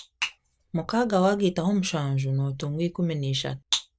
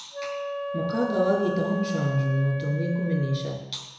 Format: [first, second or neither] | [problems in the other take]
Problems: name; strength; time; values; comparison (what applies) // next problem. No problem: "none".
first | background sound (Wind instrument, woodwind instrument); 7 dB below the speech // room echo; dies away in 1 s